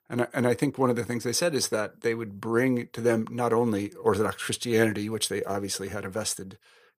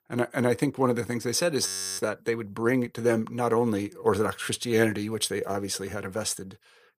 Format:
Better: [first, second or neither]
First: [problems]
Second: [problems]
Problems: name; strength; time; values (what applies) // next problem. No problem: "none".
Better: first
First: none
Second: audio freezing; at 1.5 s